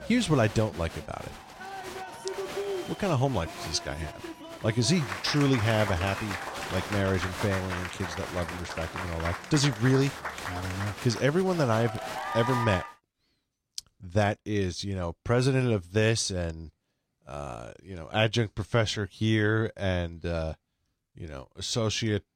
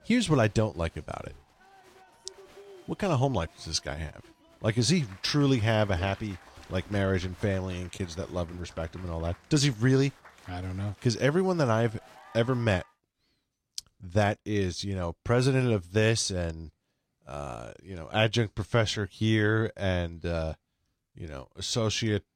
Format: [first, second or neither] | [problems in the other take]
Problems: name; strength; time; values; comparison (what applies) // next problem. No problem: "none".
second | crowd noise; loud; until 13 s; 8 dB below the speech; faint in the second